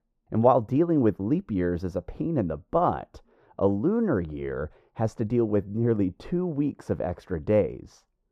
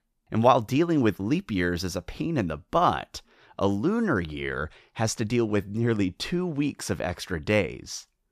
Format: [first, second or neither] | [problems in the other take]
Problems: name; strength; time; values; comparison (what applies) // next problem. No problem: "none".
second | muffled; very; fading above 1.5 kHz